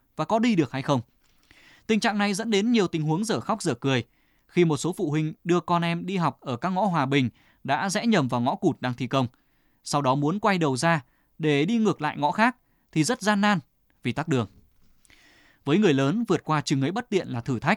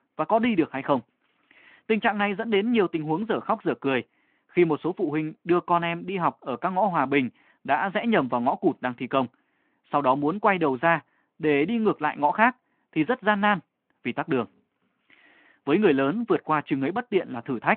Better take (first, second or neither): first